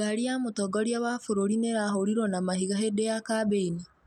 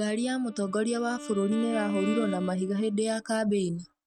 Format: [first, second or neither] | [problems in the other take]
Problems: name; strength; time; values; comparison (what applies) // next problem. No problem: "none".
first | noise reduction (neural mask model RNNoise)